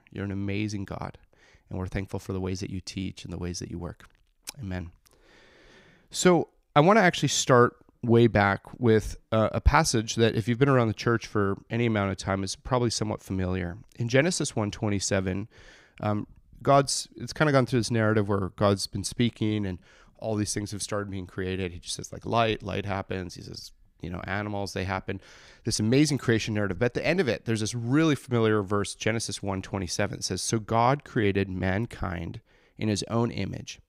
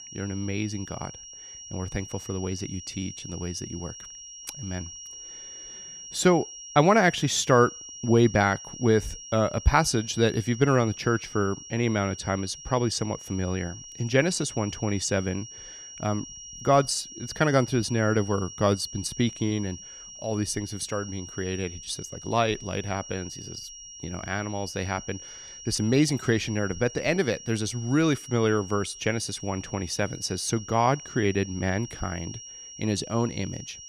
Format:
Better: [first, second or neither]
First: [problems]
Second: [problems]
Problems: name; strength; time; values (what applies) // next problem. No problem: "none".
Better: first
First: none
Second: high-pitched whine; noticeable; throughout; 5.5 kHz, 15 dB below the speech